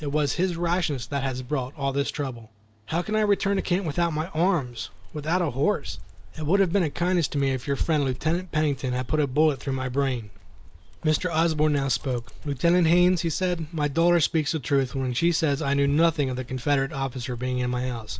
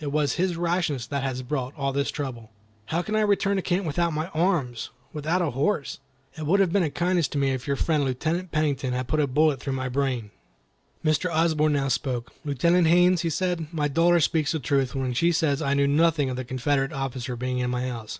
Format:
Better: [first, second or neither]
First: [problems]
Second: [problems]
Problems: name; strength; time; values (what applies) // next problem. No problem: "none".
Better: second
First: background sound (Dog); 11 dB below the speech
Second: none